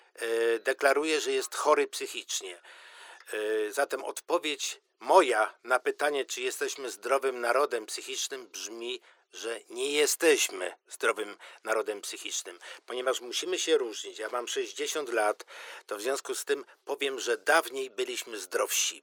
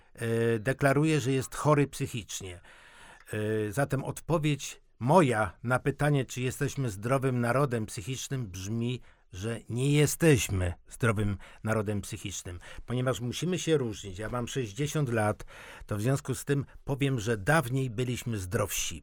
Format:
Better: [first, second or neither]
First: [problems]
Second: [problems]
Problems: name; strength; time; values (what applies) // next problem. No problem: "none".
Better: second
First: thin; very; fading below 350 Hz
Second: none